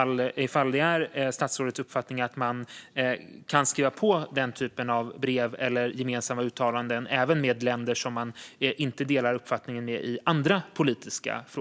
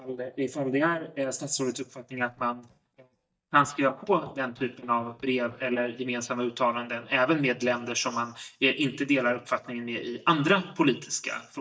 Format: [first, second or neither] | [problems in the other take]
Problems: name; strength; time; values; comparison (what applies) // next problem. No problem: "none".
first | noise reduction (neural mask model DeepFilterNet 3)